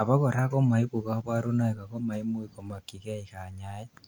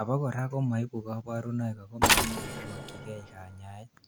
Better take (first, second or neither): first